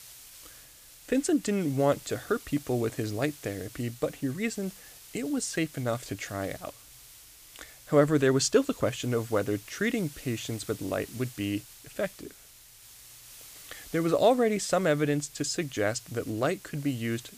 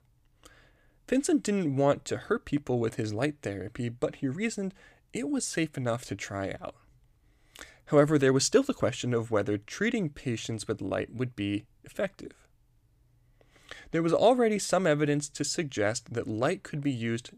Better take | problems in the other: second | hiss; noticeable; throughout; 20 dB below the speech

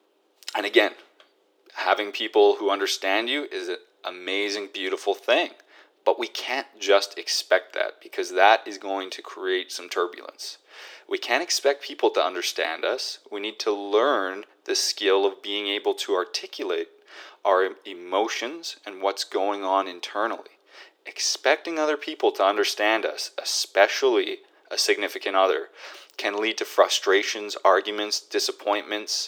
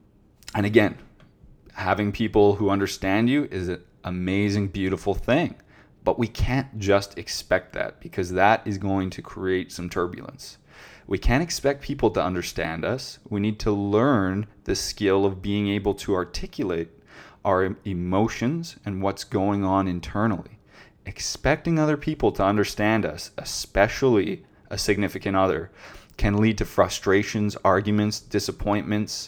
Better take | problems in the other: second | thin; very; fading below 350 Hz

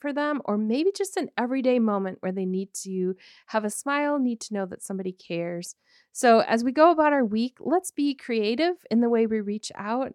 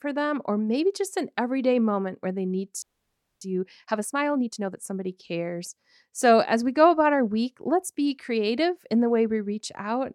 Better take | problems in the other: first | audio freezing; at 3 s for 0.5 s

